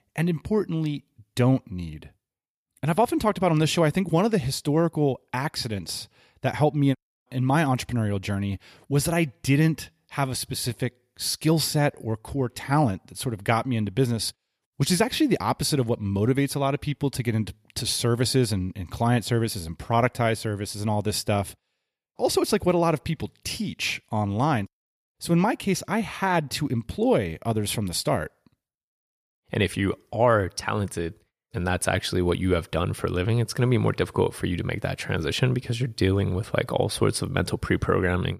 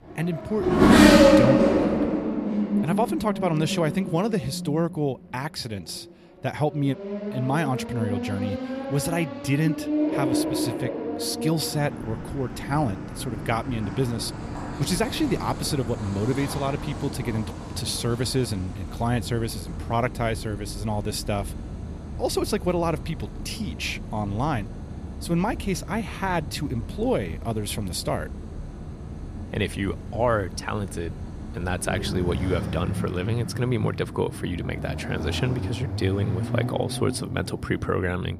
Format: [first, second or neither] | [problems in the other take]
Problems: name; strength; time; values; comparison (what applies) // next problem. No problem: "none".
first | traffic noise; loud; throughout; as loud as the speech